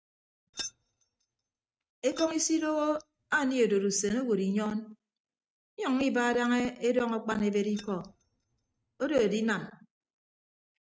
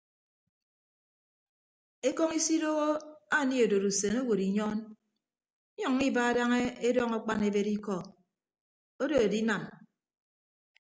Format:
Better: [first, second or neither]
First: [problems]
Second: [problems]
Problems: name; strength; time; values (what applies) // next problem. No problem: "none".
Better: second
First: noise reduction (neural mask model RNNoise)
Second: none